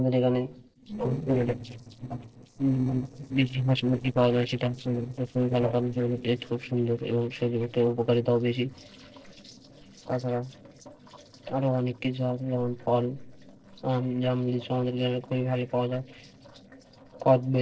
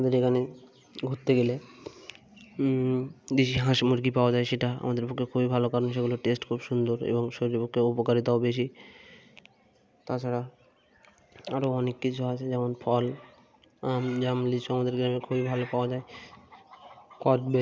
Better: second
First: noise reduction (neural separator model SepFormer DNS4)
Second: none

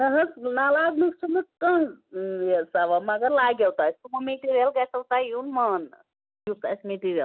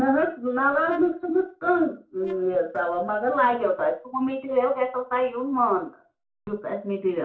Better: first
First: none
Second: noise reduction (neural separator model SepFormer DNS4)

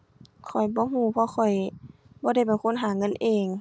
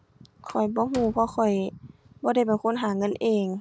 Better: first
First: none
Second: background sound (Slam); 20 dB below the speech

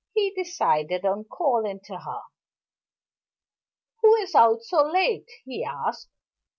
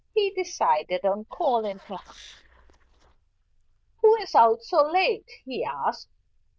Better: first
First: none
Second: noise reduction (neural diffusion model UNIVERSE++)

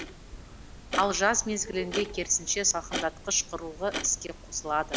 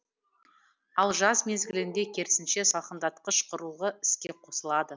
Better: second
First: background sound (Clock); 9 dB below the speech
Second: none

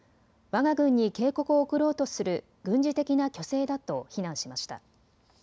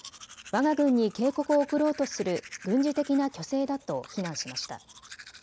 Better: first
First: none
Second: background sound (Domestic sounds, home sounds); 19 dB below the speech

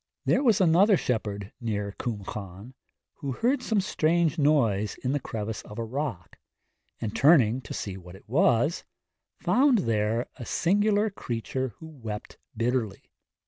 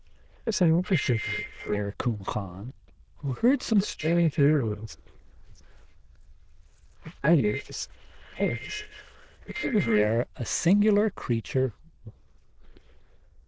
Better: first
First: none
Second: noise reduction (neural diffusion model UNIVERSE++)

